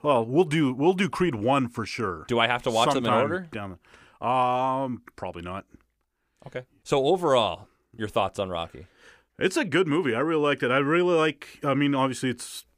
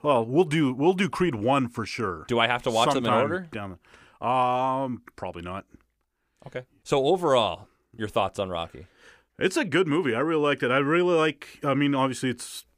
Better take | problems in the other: neither | none

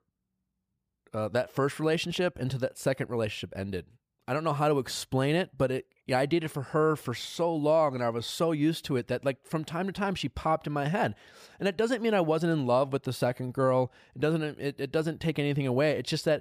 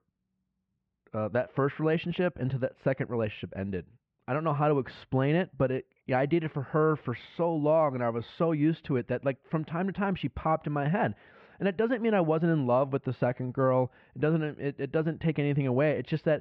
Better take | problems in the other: first | muffled; very; fading above 2.5 kHz

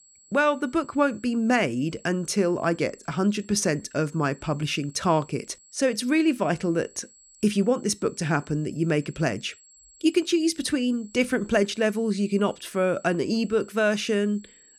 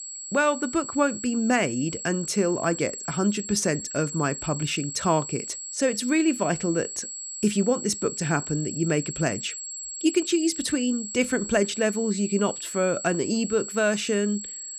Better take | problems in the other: first | high-pitched whine; loud; throughout; 7.5 kHz, 8 dB below the speech; faint in the first

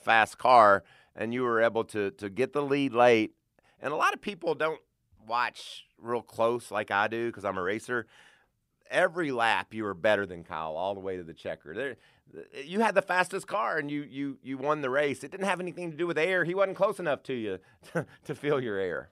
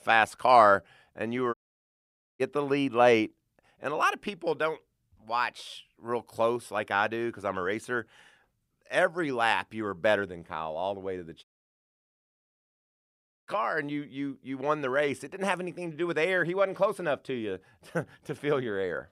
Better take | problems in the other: first | audio cutting out; at 1.5 s for 1 s and at 11 s for 2 s

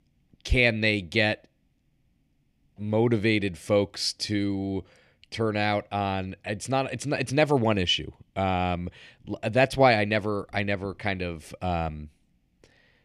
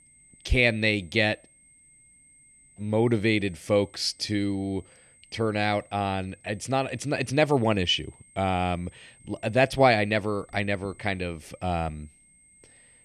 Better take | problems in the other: first | high-pitched whine; faint; throughout; 8.5 kHz, 30 dB below the speech

